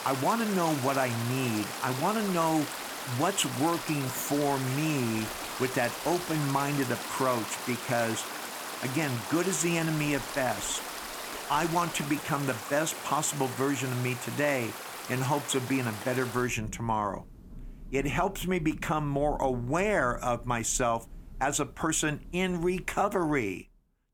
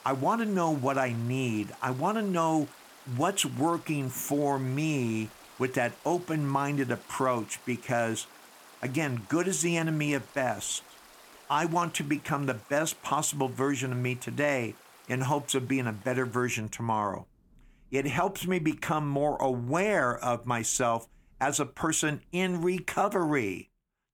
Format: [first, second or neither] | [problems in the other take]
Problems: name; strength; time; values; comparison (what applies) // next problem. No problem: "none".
second | rain or running water; loud; throughout; 7 dB below the speech; faint in the second